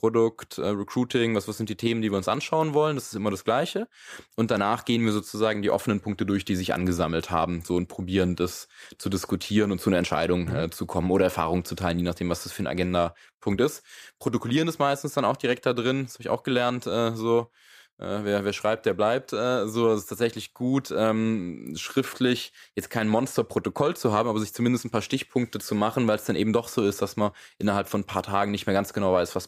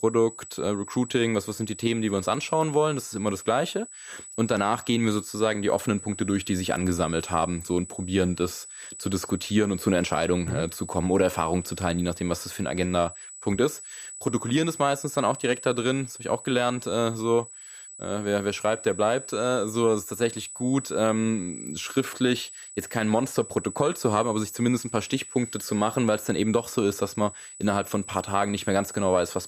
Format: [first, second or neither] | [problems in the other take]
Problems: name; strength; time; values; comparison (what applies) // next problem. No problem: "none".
first | high-pitched whine; noticeable; throughout; 8 kHz, 15 dB below the speech